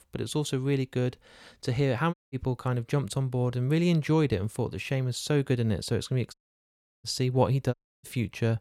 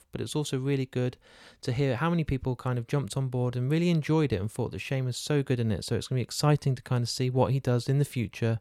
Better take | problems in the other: second | audio cutting out; at 2 s, at 6.5 s for 0.5 s and at 7.5 s

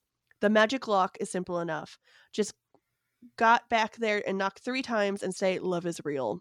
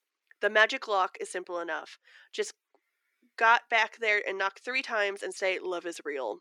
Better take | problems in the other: first | thin; very; fading below 350 Hz

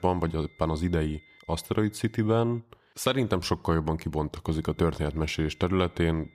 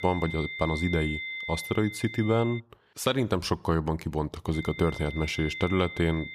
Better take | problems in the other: first | high-pitched whine; loud; until 2.5 s and from 4.5 s on; 2 kHz, 8 dB below the speech; faint in the first

